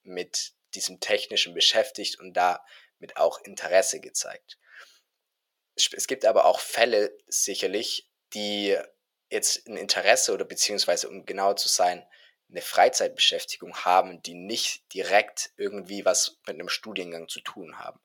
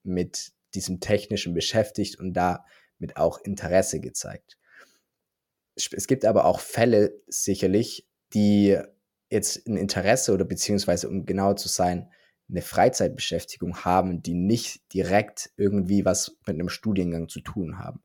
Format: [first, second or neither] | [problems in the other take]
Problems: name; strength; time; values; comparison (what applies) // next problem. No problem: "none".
second | thin; very; fading below 650 Hz